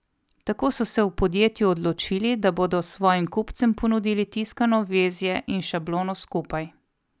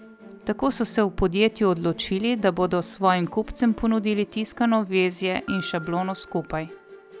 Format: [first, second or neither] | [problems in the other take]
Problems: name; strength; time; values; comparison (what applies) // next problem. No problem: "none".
first | background sound (Piano + Musical instrument); 19 dB below the speech